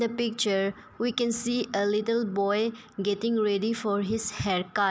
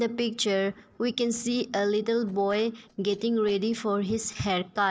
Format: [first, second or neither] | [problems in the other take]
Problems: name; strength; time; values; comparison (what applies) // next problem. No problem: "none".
first | noise reduction (neural separator model SepFormer DNS4)